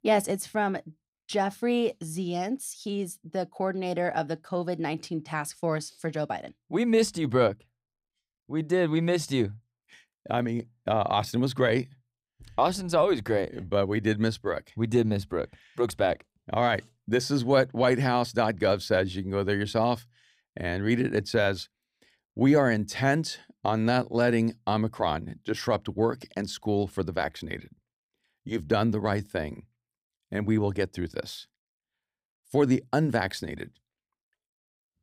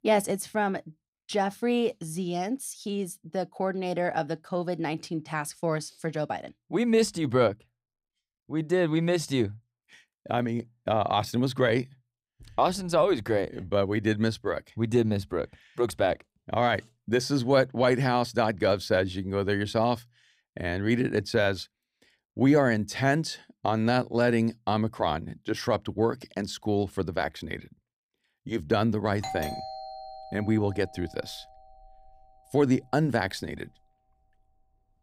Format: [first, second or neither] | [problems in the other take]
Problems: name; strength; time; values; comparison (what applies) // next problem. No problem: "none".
first | doorbell; noticeable; from 29 to 32 s; peak 7 dB below the speech